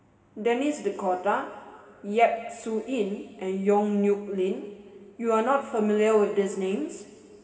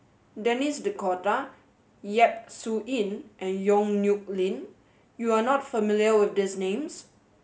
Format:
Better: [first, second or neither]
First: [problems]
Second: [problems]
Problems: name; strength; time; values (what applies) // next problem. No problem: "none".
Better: second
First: room echo; dies away in 2.5 s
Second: none